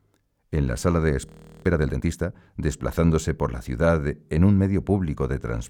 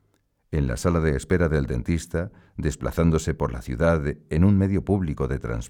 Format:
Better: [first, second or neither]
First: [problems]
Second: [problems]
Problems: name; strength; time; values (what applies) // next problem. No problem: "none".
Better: second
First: audio freezing; at 1.5 s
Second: none